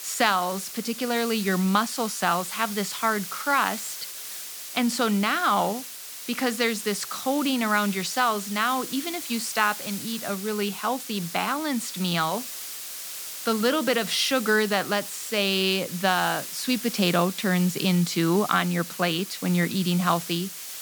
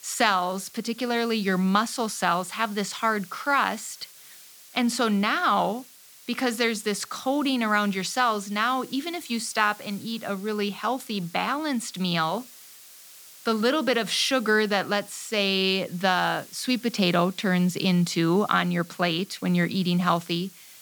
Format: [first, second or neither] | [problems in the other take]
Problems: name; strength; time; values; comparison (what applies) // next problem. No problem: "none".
second | hiss; loud; throughout; 9 dB below the speech; faint in the second